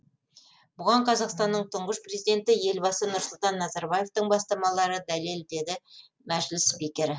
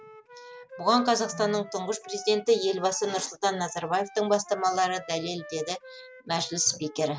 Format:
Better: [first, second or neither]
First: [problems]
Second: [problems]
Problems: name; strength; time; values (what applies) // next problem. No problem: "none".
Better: first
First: none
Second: background sound (Wind instrument, woodwind instrument); 18 dB below the speech